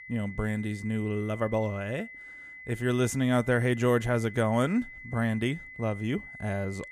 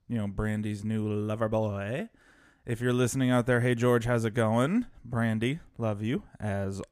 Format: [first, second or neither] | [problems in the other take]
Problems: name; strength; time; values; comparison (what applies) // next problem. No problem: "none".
second | high-pitched whine; noticeable; throughout; 2 kHz, 15 dB below the speech